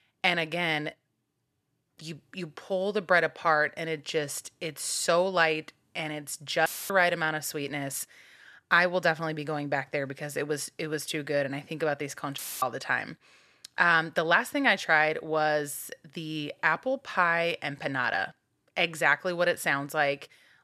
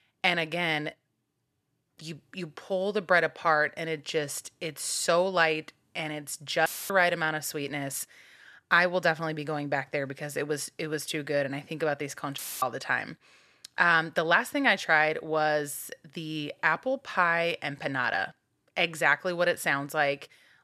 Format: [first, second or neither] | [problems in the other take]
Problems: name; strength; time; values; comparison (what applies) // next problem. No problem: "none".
neither | audio cutting out; filled with static; at 6.5 s and at 12 s; the same in both